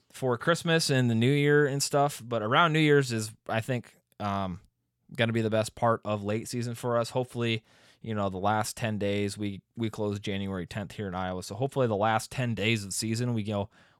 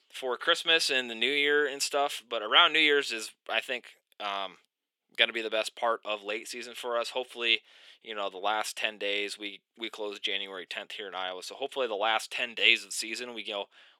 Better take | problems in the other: first | thin; very; fading below 350 Hz

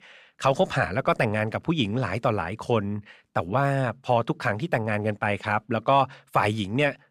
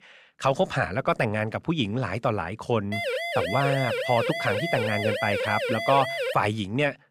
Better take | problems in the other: first | siren; noticeable; from 3 to 6.5 s; peak 1 dB below the speech

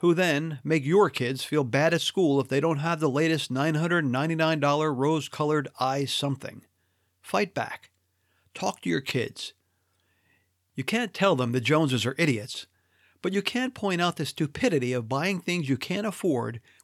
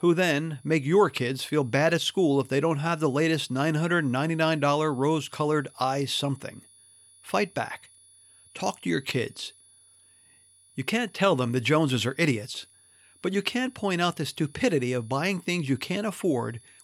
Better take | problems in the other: first | high-pitched whine; faint; throughout; 10.5 kHz, 30 dB below the speech

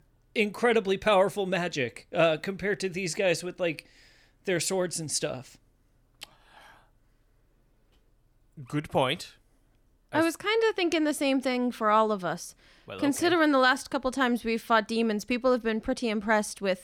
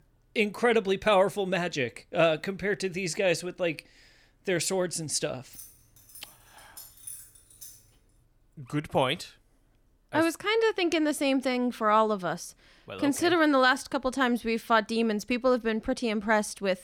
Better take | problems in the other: first | jangling keys; faint; from 5.5 to 8 s; peak 15 dB below the speech

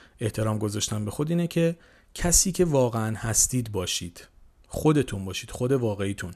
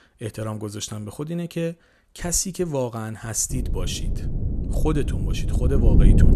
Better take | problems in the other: first | low rumble; loud; from 3.5 s on; 6 dB below the speech

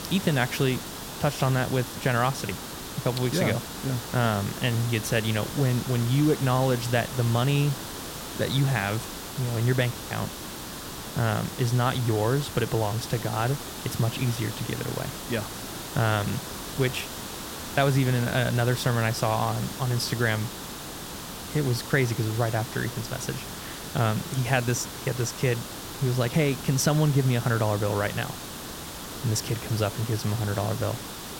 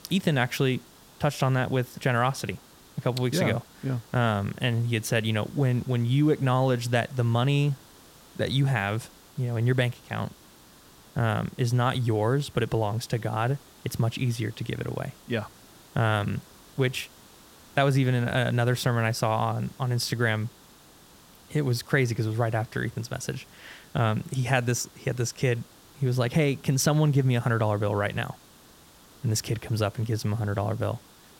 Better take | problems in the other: second | hiss; loud; throughout; 9 dB below the speech; faint in the second

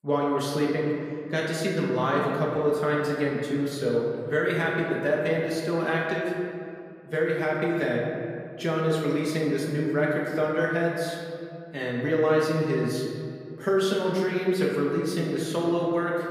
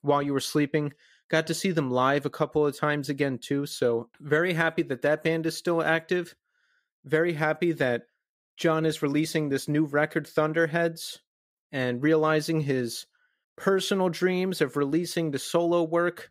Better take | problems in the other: second | room echo; noticeable; dies away in 2.1 s // off-mic speech; far

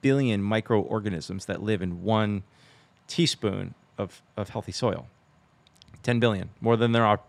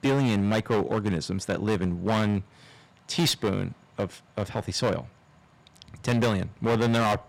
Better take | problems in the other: first | distortion; heavy; 12% of the sound clipped

